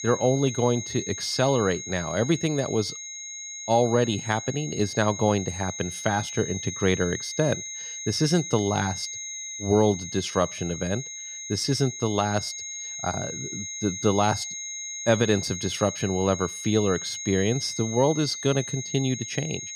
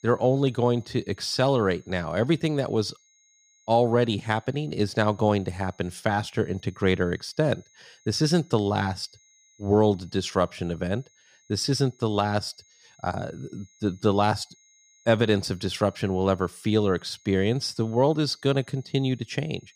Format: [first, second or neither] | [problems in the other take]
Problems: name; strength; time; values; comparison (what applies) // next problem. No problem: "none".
second | high-pitched whine; loud; throughout; 6.5 kHz, 7 dB below the speech; faint in the second